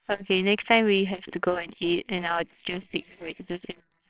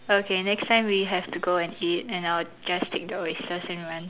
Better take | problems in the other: second | noise reduction (neural separator model SepFormer WHAMR!)

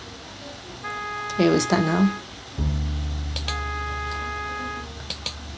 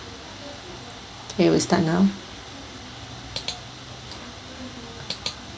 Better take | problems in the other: second | background sound (Bowed string instrument + Wind instrument, woodwind instrument); 2 dB below the speech

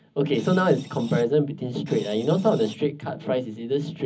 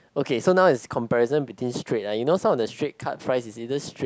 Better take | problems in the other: second | background sound (Screech); 20 dB below the speech // room echo; dies away in 0.4 s

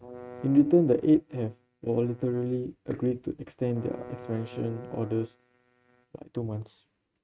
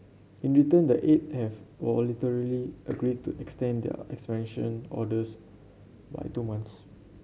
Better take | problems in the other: second | noise reduction (neural mask model RNNoise)

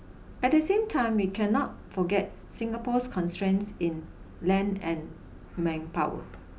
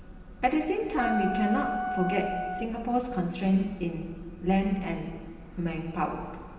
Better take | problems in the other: first | background sound (Wind instrument, woodwind instrument); 4 dB below the speech // room echo; dies away in 1.6 s

